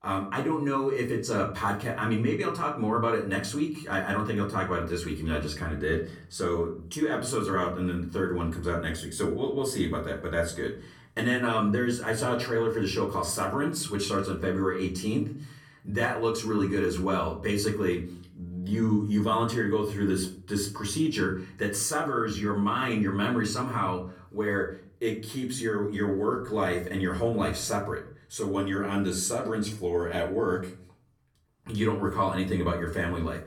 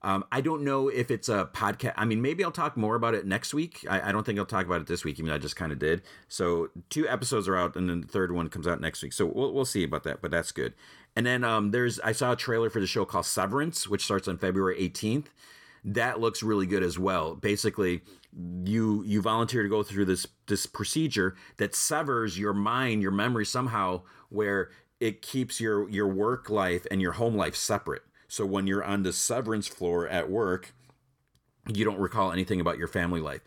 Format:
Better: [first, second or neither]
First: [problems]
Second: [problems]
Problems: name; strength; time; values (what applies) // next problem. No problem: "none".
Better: second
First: off-mic speech; far // room echo; slight; dies away in 0.4 s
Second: none